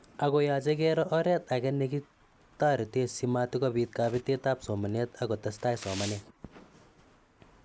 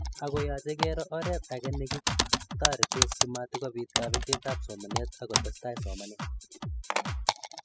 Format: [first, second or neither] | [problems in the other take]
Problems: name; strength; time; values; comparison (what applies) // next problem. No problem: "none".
first | noise reduction (classical method spectral subtraction)